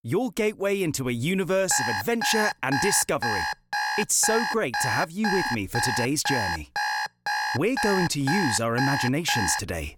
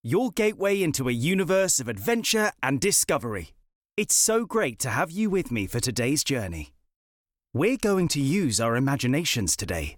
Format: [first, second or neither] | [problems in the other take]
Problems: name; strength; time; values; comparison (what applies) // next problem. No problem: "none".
second | alarm; noticeable; from 1.5 s on; peak 1 dB below the speech